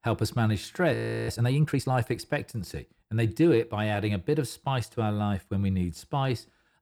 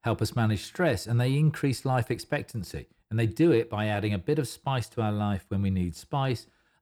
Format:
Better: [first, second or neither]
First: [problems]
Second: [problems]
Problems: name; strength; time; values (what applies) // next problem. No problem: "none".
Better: second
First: audio freezing; at 1 s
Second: none